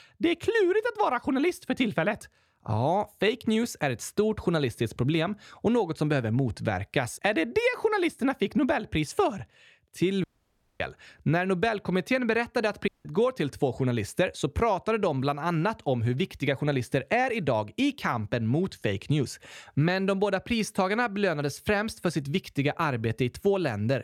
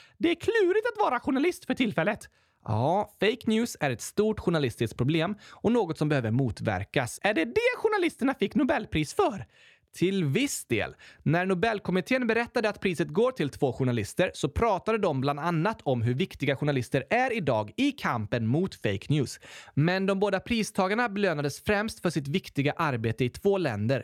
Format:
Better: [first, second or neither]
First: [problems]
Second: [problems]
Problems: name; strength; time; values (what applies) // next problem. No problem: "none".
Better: second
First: audio cutting out; at 10 s for 0.5 s and at 13 s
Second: none